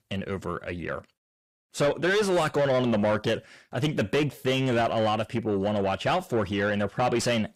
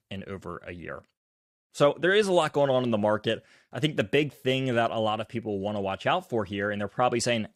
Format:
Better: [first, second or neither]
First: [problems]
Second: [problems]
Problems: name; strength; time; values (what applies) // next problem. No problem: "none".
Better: second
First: distortion; heavy; 8 dB below the speech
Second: none